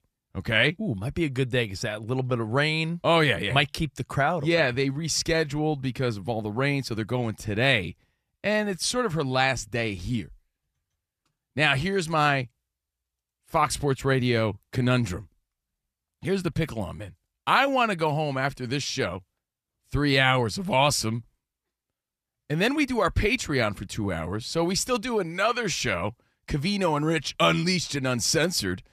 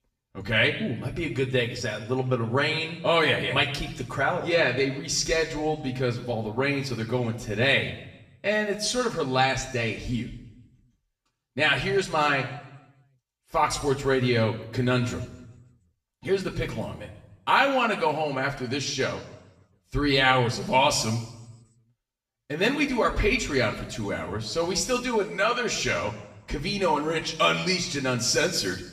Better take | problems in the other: first | room echo; slight; dies away in 0.9 s // off-mic speech; far

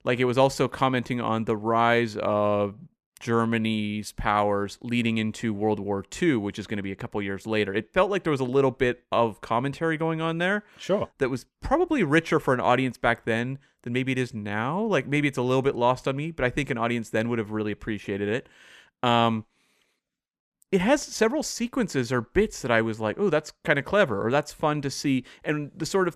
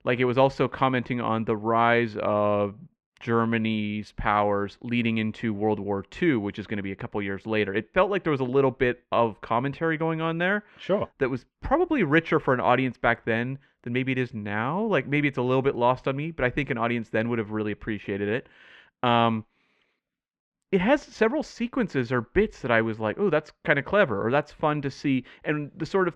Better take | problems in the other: first | muffled; slightly; fading above 2.5 kHz

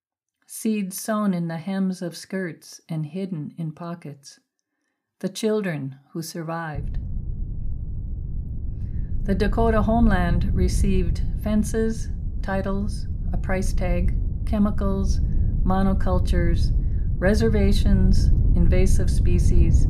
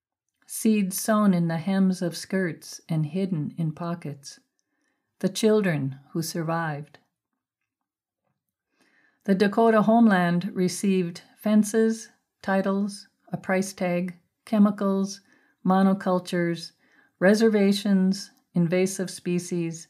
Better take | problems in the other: second | wind noise on the microphone; occasional gusts; from 7 s on; 10 dB below the speech

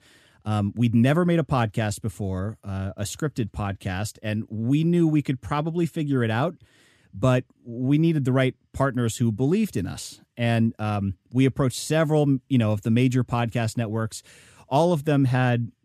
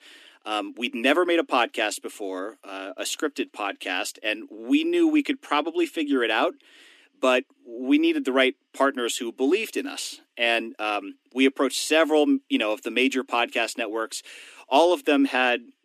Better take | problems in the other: first | thin; somewhat; fading below 250 Hz

